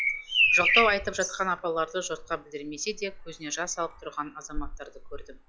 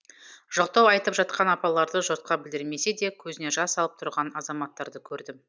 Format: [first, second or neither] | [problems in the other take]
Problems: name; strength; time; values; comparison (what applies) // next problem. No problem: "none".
second | noise reduction (classical method log-MMSE)